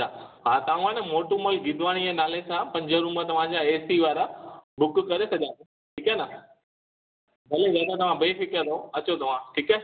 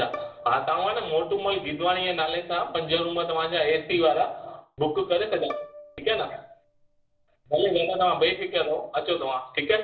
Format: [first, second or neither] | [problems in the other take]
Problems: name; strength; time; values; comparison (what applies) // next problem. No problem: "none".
first | background sound (Bowed string instrument); 19 dB below the speech // room echo; dies away in 0.4 s